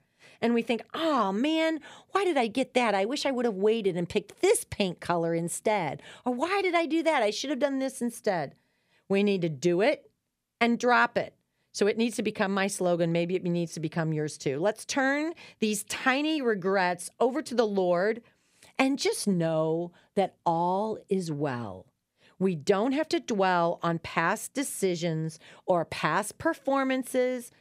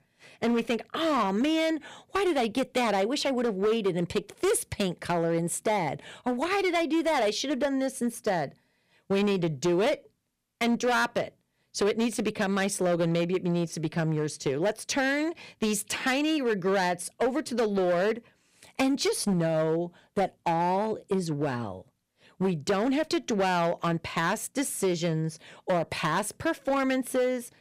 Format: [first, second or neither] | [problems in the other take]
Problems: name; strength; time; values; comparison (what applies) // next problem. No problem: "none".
first | distortion; slight; 10% of the sound clipped